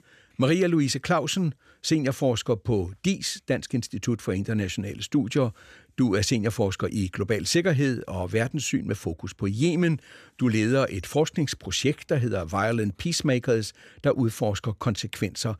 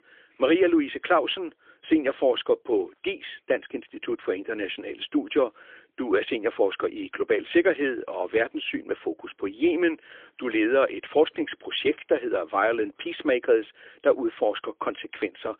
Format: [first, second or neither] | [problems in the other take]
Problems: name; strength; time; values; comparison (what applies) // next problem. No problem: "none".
first | phone-call audio; poor line; nothing above 3.5 kHz